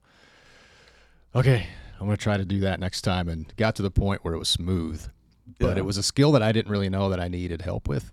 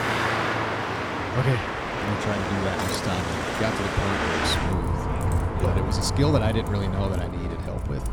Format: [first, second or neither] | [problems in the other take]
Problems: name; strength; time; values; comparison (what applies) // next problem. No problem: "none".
first | traffic noise; very loud; throughout; 2 dB above the speech